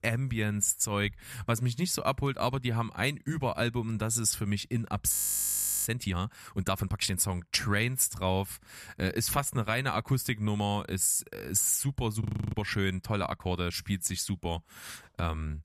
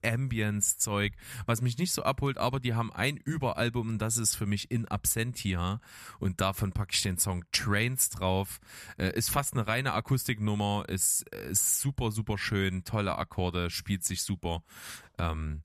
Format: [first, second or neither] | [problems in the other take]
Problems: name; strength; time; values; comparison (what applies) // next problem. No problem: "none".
second | audio freezing; at 5 s for 0.5 s and at 12 s